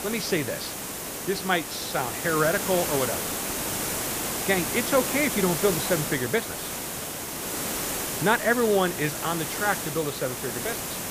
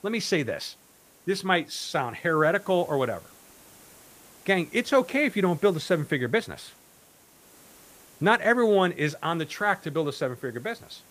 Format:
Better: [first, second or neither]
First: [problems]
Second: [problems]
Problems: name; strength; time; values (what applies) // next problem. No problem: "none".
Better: second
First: hiss; loud; throughout; 2 dB below the speech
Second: hiss; faint; throughout; 25 dB below the speech